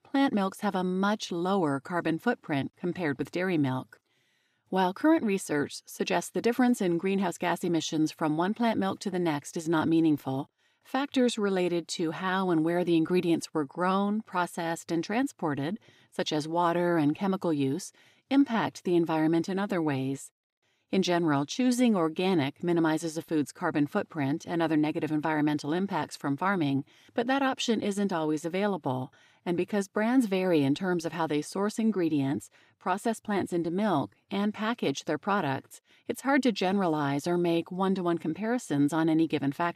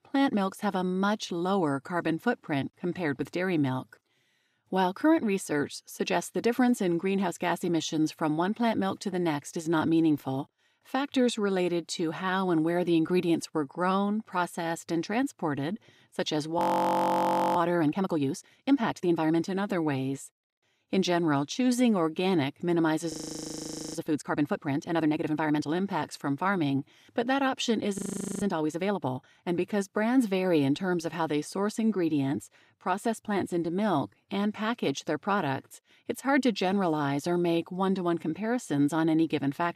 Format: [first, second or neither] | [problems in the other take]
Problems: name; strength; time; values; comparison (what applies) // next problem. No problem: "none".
first | audio freezing; at 17 s for 1 s, at 23 s for 1 s and at 28 s